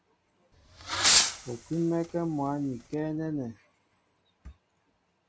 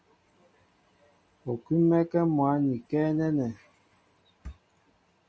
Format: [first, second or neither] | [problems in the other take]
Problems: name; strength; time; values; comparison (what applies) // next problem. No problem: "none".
second | background sound (Fireworks); 4 dB above the speech